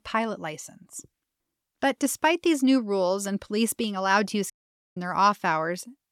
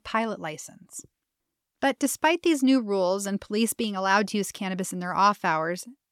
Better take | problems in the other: second | audio cutting out; at 4.5 s

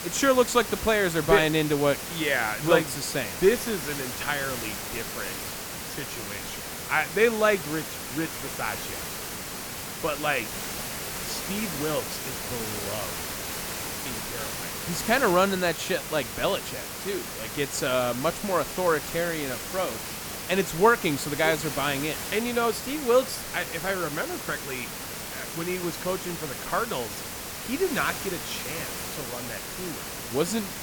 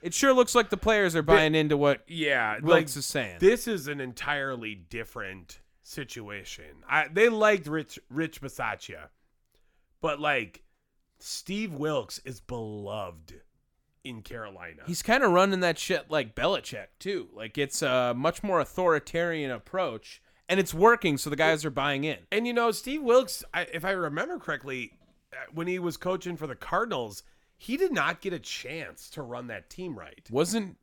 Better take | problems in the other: second | hiss; loud; throughout; 6 dB below the speech

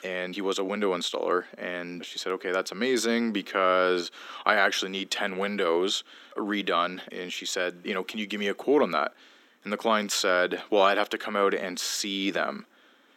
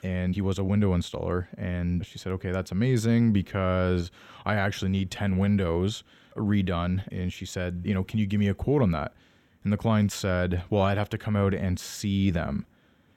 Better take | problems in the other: second | thin; very; fading below 300 Hz

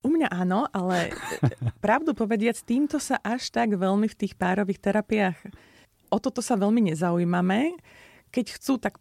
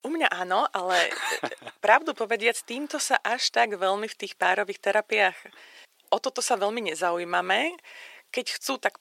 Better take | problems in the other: first | thin; very; fading below 450 Hz

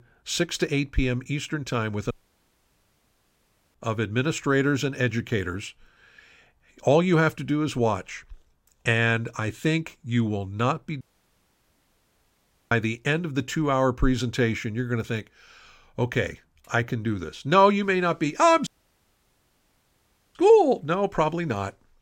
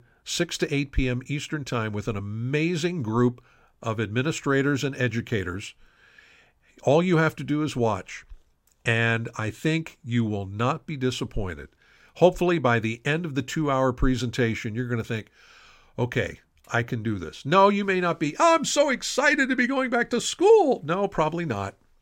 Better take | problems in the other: second | audio cutting out; at 2 s for 1.5 s, at 11 s for 1.5 s and at 19 s for 1.5 s

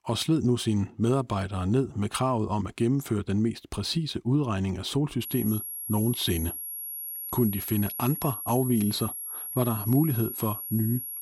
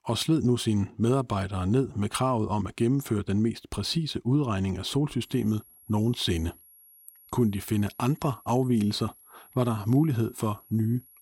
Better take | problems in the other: second | high-pitched whine; loud; from 5 s on; 11.5 kHz, 6 dB below the speech; faint in the second

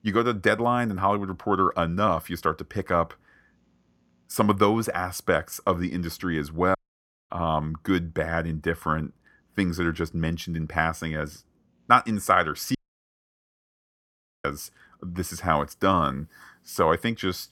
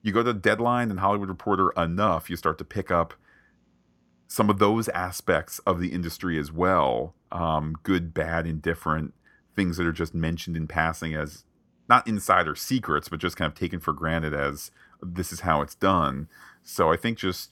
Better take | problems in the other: second | audio cutting out; at 7 s for 0.5 s and at 13 s for 1.5 s

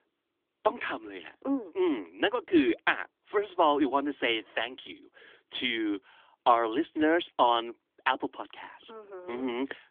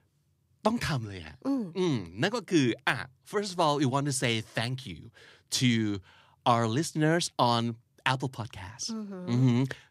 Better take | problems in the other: second | phone-call audio; nothing above 3.5 kHz

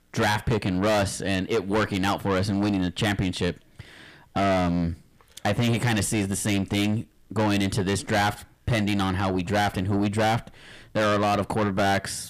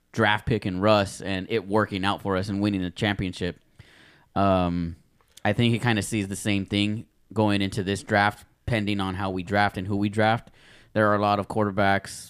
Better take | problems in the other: second | distortion; heavy; 6 dB below the speech

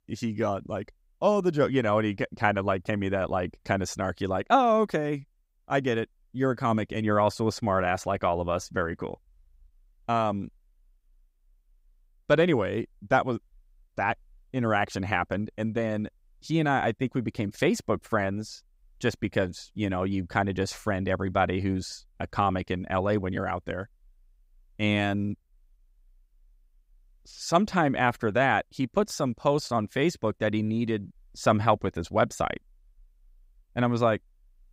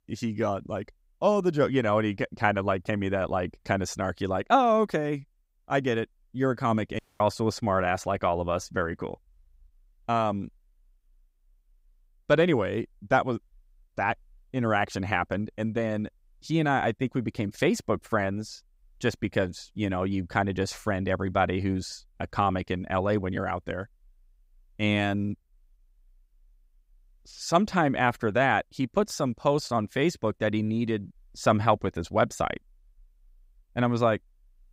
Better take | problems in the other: first | audio cutting out; at 7 s

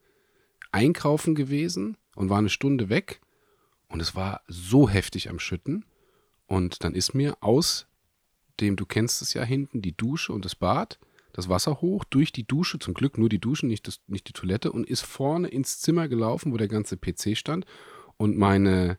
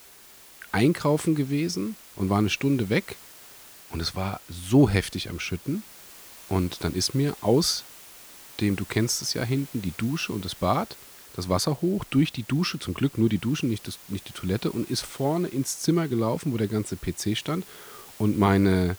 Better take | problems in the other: first | hiss; noticeable; throughout; 20 dB below the speech

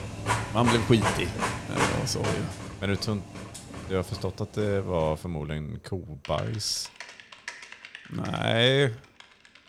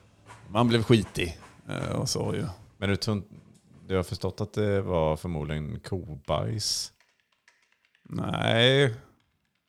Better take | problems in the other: second | household noises; loud; throughout; 5 dB below the speech; faint in the second

